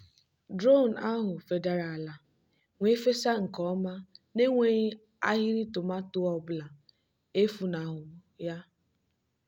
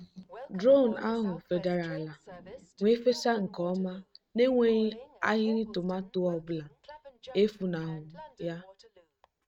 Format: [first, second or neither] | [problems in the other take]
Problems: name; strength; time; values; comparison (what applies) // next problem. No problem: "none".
first | noise reduction (neural mask model RNNoise)